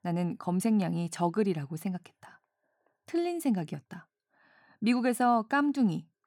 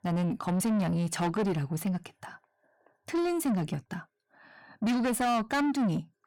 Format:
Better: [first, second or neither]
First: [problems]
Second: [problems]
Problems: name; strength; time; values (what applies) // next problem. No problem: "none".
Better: first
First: none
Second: distortion; heavy; 7 dB below the speech